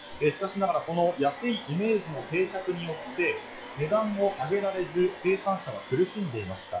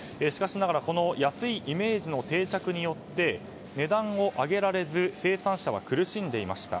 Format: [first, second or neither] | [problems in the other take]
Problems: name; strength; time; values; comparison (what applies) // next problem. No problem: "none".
second | noise reduction (classical method log-MMSE)